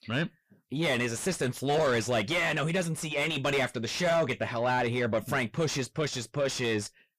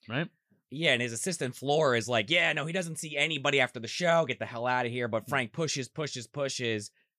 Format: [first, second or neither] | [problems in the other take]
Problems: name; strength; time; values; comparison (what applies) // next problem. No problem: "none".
second | distortion; heavy; 6 dB below the speech